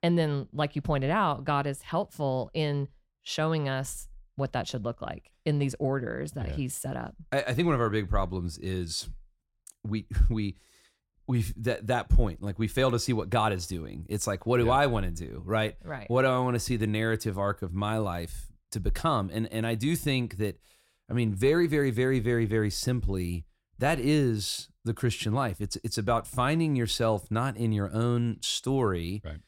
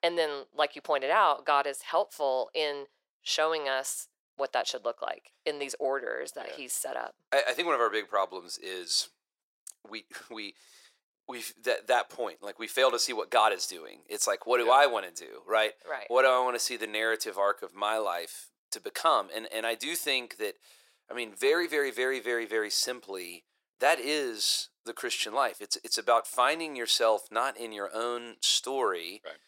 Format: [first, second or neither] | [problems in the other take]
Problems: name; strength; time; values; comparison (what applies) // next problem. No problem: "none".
first | thin; very; fading below 450 Hz